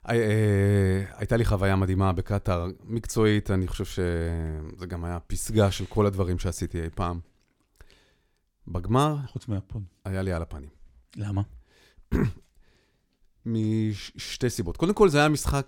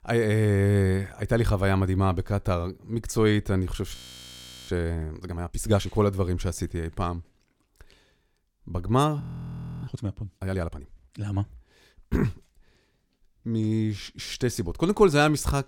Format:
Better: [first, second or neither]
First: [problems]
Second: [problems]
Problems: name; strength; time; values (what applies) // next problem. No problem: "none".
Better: first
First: none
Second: audio freezing; at 4 s for 0.5 s and at 9 s for 0.5 s